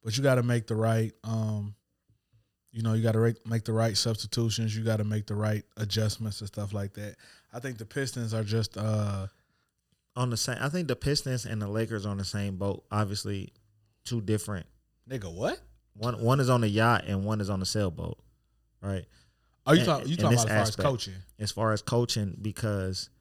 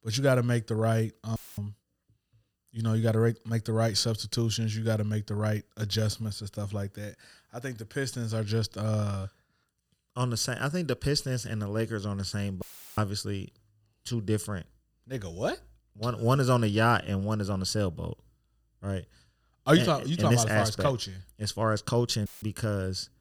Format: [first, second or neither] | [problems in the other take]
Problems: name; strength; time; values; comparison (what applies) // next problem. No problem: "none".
first | audio cutting out; filled with static; at 1.5 s, at 13 s and at 22 s